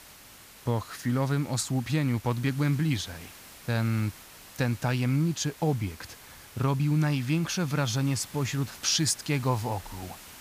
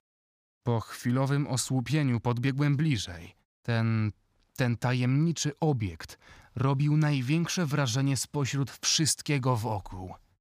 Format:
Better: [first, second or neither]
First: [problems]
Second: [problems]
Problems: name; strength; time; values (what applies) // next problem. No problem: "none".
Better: second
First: hiss; noticeable; throughout; 20 dB below the speech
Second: none